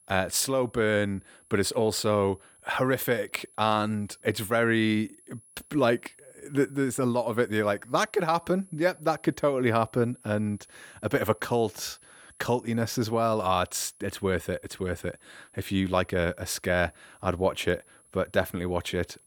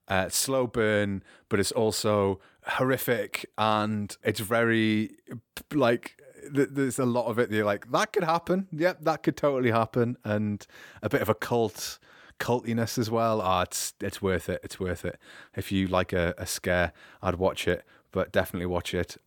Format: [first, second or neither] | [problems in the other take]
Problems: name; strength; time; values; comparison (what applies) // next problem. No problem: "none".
second | high-pitched whine; faint; throughout; 10.5 kHz, 25 dB below the speech